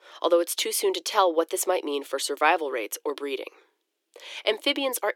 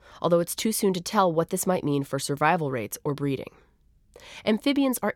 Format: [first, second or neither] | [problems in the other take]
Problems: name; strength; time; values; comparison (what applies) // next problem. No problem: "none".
second | thin; somewhat; fading below 300 Hz